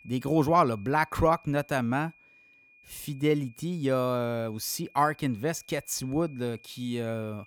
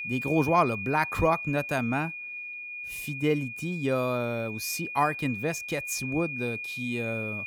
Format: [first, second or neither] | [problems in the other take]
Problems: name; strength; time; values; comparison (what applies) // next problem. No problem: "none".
first | high-pitched whine; loud; throughout; 2.5 kHz, 6 dB below the speech; faint in the first